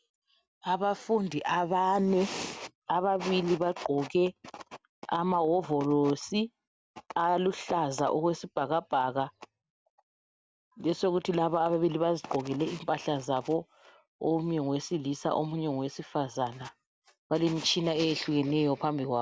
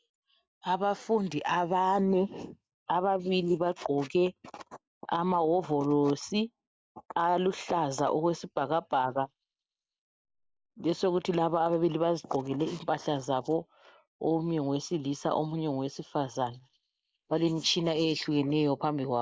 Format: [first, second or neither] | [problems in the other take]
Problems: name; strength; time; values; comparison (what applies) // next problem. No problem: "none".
first | noise reduction (neural mask model Resemble Enhance denoiser)